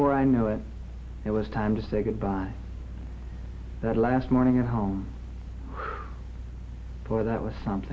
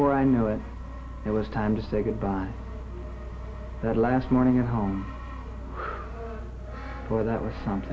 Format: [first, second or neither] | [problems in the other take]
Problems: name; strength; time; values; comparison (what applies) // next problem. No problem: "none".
first | background sound (Brass instrument); 17 dB below the speech